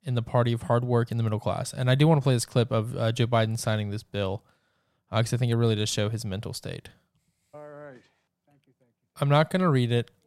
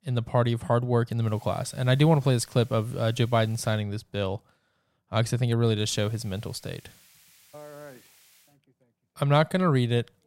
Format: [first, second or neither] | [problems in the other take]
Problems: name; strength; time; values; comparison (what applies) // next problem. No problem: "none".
first | hiss; faint; from 1.5 to 4 s and from 6 to 8.5 s; 30 dB below the speech